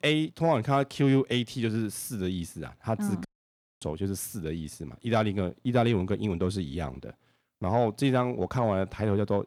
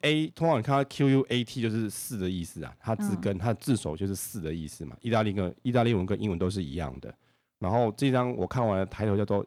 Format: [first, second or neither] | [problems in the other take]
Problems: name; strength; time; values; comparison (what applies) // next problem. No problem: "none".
second | audio cutting out; at 3.5 s for 0.5 s